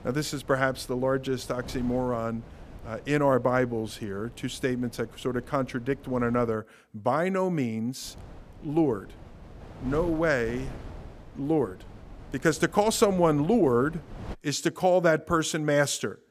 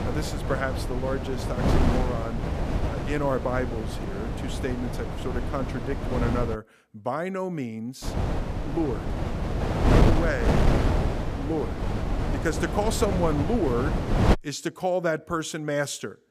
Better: first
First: wind noise on the microphone; occasional gusts; until 6.5 s and from 8 to 14 s; 25 dB below the speech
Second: wind noise on the microphone; heavy; until 6.5 s and from 8 to 14 s; 2 dB below the speech

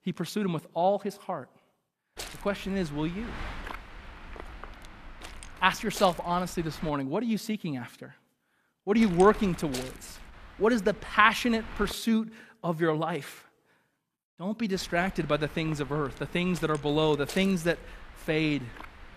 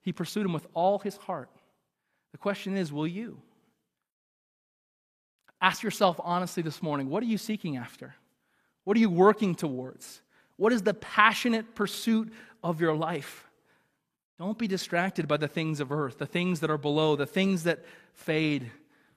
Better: second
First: wind noise on the microphone; occasional gusts; from 2 to 7 s, from 9 to 12 s and from 15 s on; 15 dB below the speech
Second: none

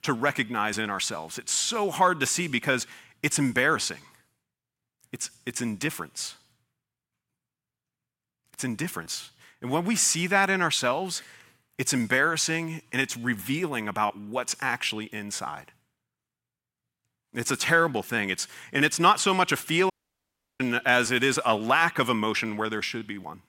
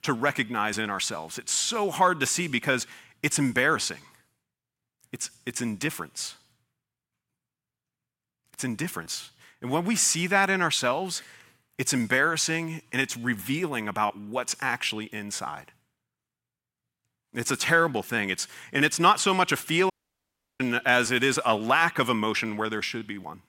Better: neither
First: audio cutting out; at 20 s for 0.5 s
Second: audio cutting out; at 20 s for 0.5 s

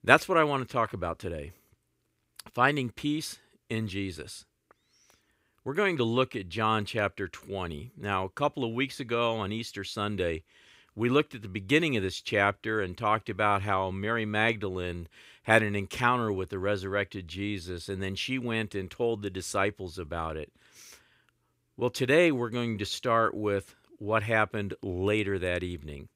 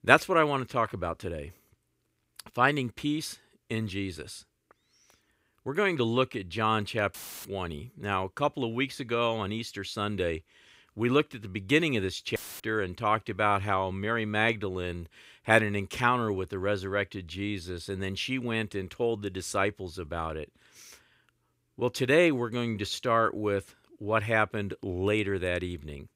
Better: first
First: none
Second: audio cutting out; filled with static; at 7 s and at 12 s

